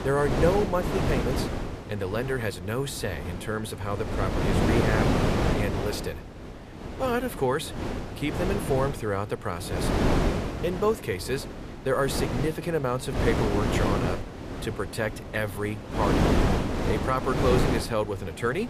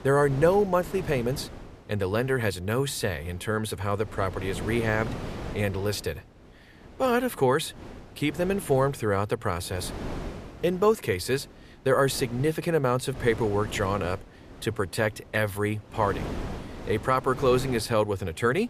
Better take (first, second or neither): second